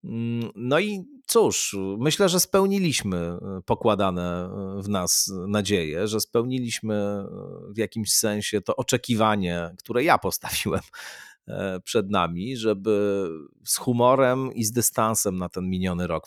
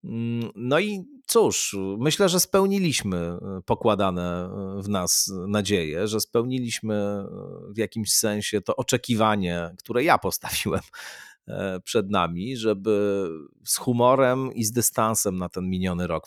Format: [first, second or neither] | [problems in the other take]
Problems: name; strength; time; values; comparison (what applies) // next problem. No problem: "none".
neither | none